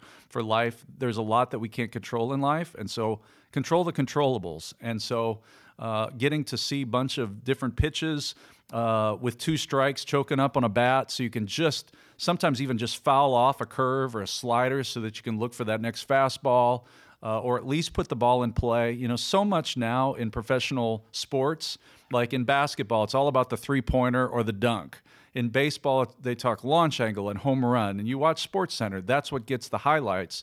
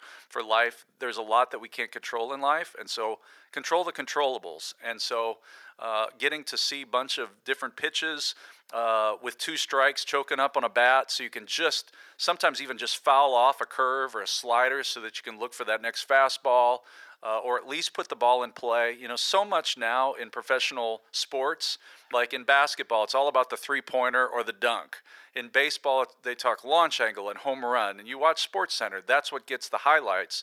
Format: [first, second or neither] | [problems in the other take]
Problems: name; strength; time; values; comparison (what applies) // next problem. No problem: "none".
first | thin; very; fading below 500 Hz